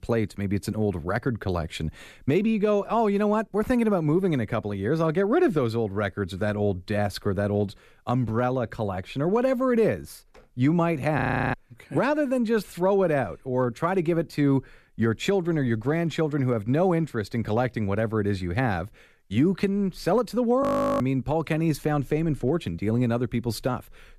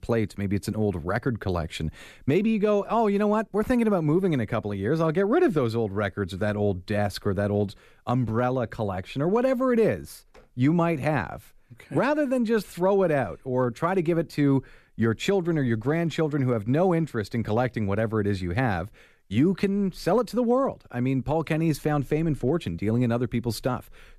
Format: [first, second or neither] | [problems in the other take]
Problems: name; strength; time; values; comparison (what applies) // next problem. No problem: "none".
second | audio freezing; at 11 s and at 21 s